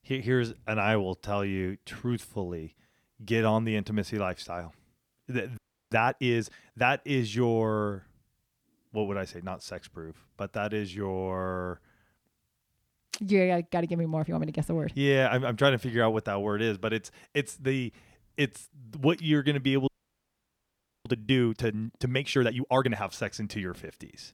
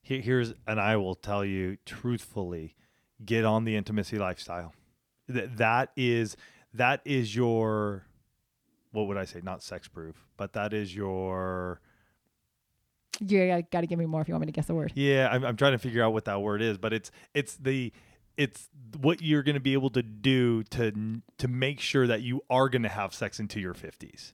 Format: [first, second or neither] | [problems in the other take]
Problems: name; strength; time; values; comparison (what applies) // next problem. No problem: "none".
second | audio freezing; at 5.5 s and at 20 s for 1 s